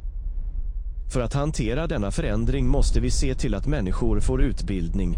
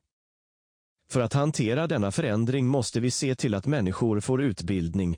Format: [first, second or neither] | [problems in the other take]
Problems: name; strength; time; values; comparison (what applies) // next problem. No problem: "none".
second | low rumble; faint; throughout; 20 dB below the speech